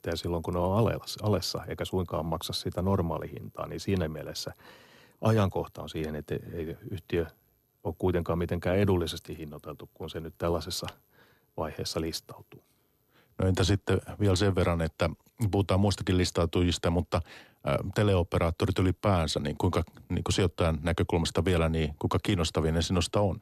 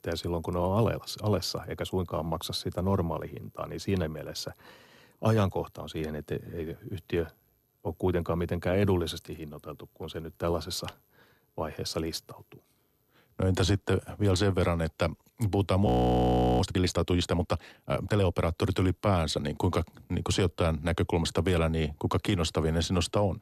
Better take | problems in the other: first | audio freezing; at 16 s for 0.5 s

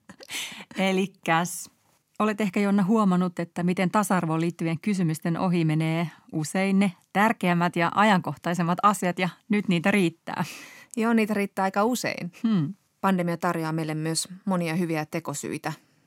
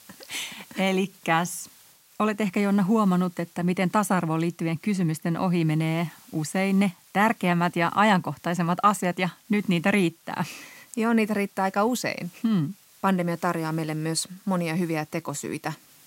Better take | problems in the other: first | hiss; faint; throughout; 25 dB below the speech

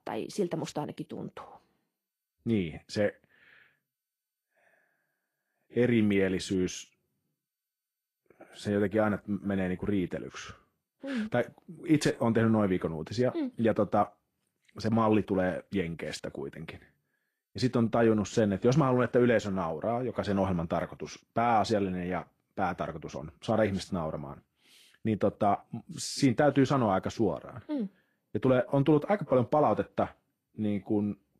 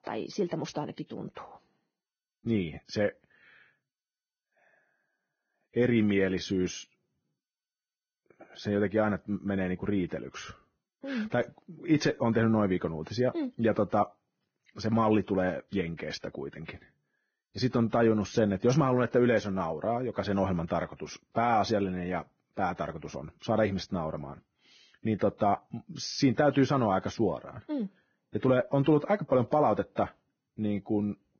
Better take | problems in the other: first | garbled, watery; badly; nothing above 6.5 kHz; slightly in the first

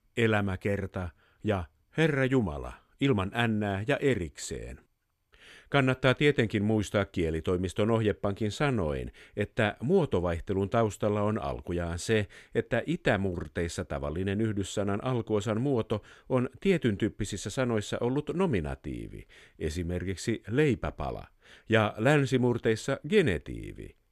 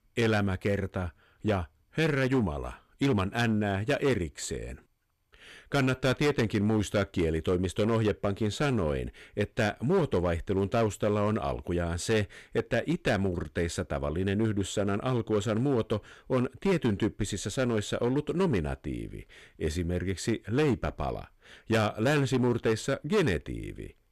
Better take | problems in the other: first | distortion; slight; 6% of the sound clipped

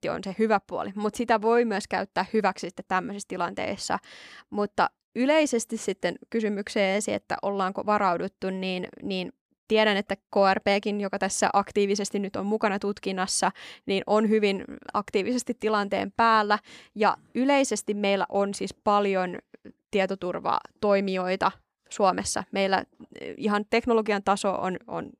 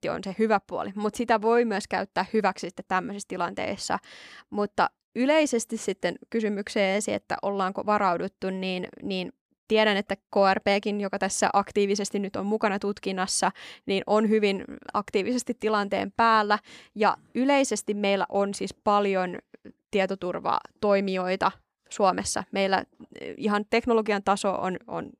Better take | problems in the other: neither | none

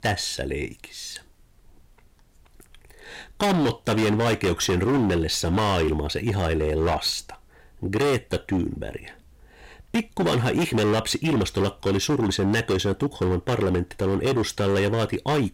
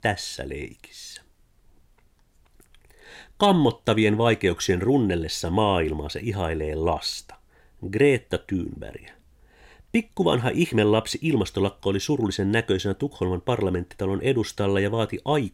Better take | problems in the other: second | distortion; heavy; 17% of the sound clipped

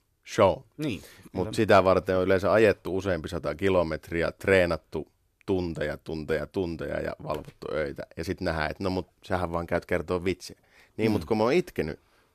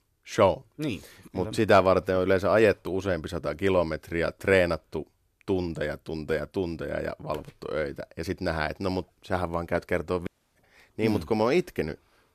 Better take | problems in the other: first | audio cutting out; at 10 s

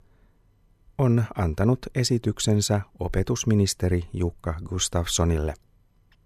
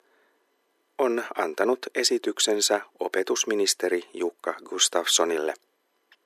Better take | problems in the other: first | thin; very; fading below 300 Hz

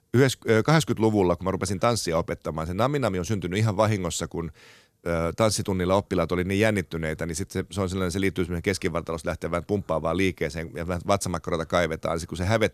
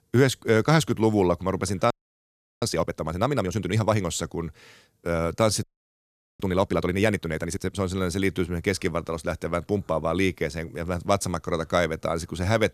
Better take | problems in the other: first | audio freezing; at 2 s for 0.5 s and at 5.5 s for 1 s

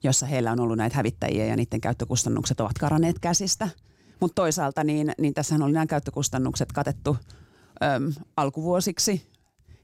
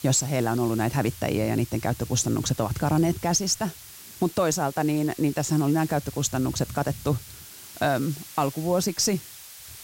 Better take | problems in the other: first | hiss; noticeable; throughout; 15 dB below the speech

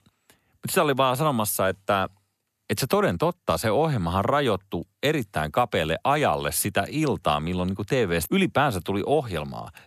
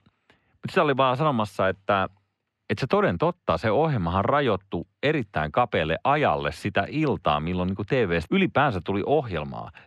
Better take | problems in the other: first | muffled; slightly; fading above 2.5 kHz

